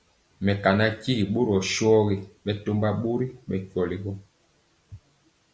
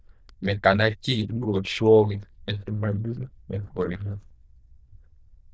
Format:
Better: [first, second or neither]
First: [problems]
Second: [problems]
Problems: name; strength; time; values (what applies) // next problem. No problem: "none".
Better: first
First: none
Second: noise reduction (neural diffusion model UNIVERSE++)